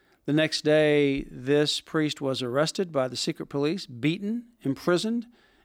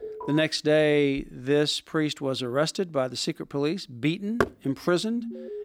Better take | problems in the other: first | alarm; faint; at the start and at 5 s; peak 10 dB below the speech // door banging; noticeable; at 4.5 s; peak 3 dB below the speech

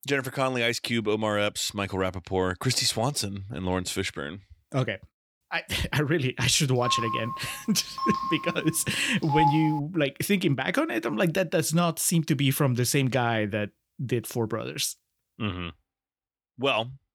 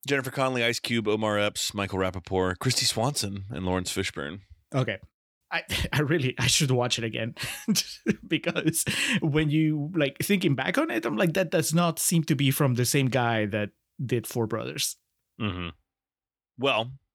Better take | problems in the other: second | phone ringing; loud; from 7 to 10 s; peak 2 dB above the speech

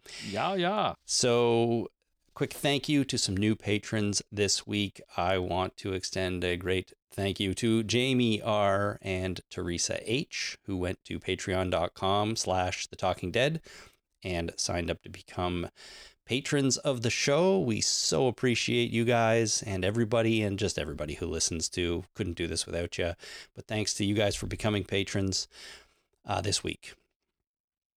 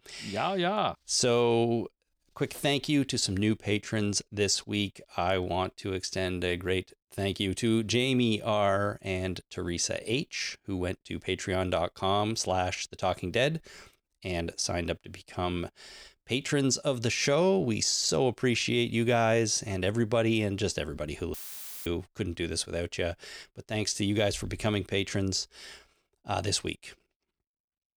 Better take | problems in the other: first | audio cutting out; filled with static; at 21 s for 0.5 s

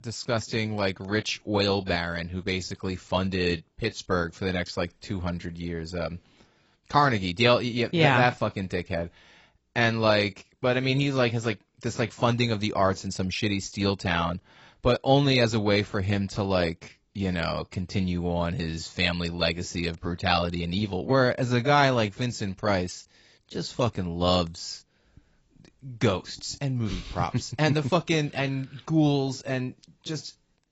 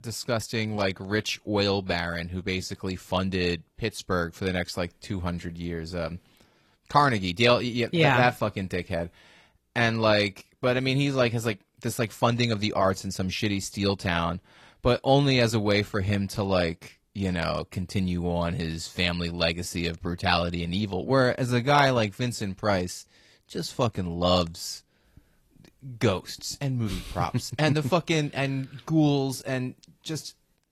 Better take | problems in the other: second | garbled, watery; badly; nothing above 7.5 kHz; slightly in the second

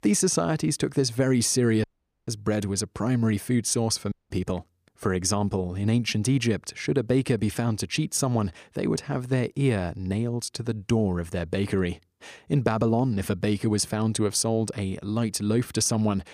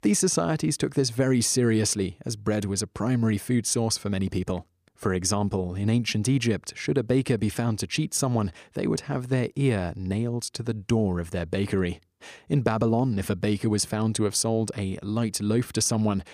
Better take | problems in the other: second | audio cutting out; at 2 s and at 4 s

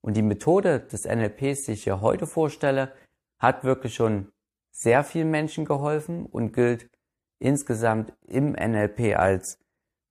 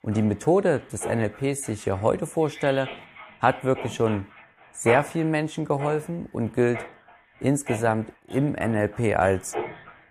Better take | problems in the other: first | machinery noise; noticeable; throughout; 10 dB below the speech

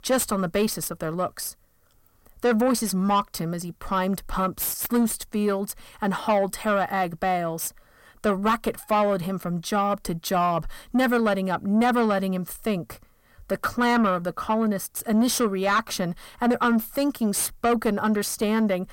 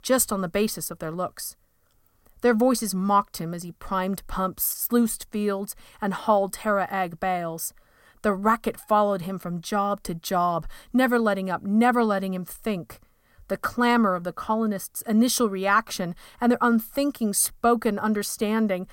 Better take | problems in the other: second | distortion; slight; 10 dB below the speech

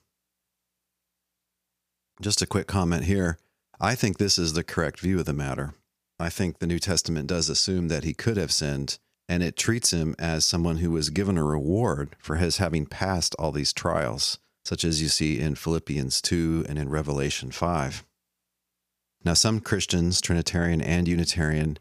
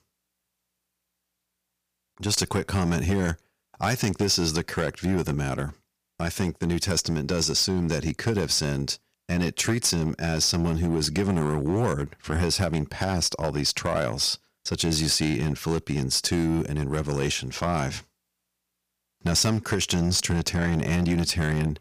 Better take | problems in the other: first | distortion; slight; 6% of the sound clipped

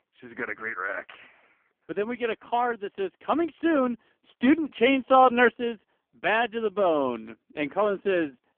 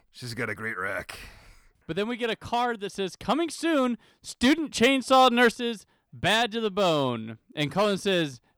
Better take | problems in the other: second | phone-call audio; poor line; nothing above 3.5 kHz

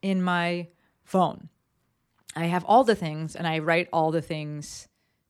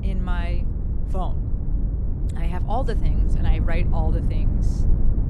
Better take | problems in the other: first | low rumble; loud; throughout; 6 dB below the speech

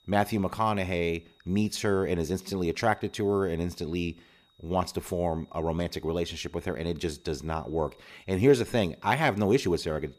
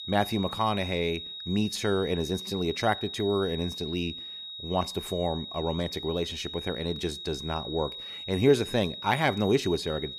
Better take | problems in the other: first | high-pitched whine; loud; throughout; 4 kHz, 8 dB below the speech; faint in the first

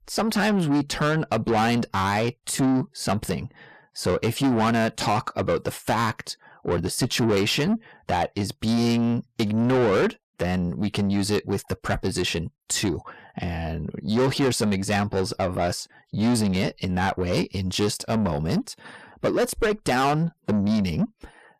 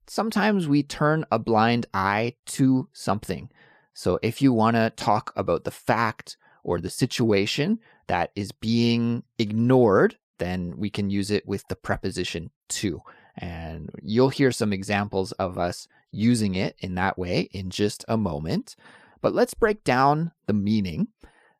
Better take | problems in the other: second | distortion; heavy; 7 dB below the speech

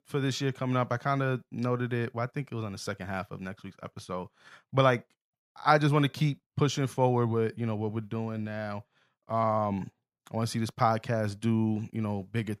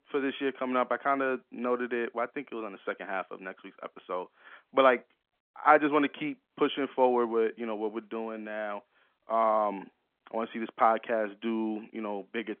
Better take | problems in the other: first | phone-call audio; nothing above 3.5 kHz

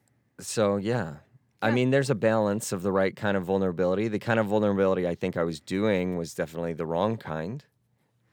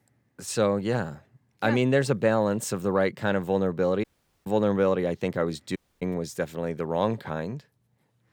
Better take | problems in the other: first | audio cutting out; at 4 s and at 6 s

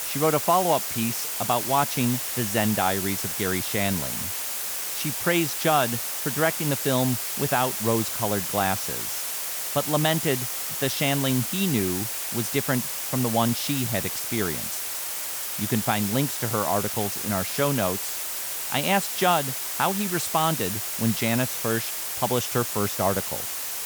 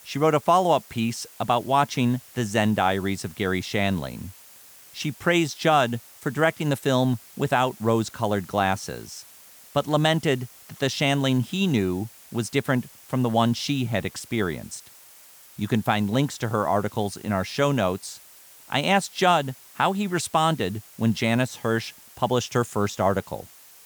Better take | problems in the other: second | hiss; loud; throughout; 1 dB below the speech; faint in the second

